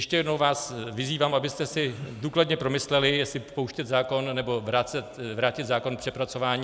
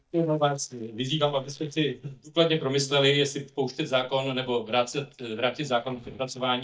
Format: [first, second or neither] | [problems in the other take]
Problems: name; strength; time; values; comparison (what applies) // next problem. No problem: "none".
first | noise reduction (neural mask model DeepFilterNet 3)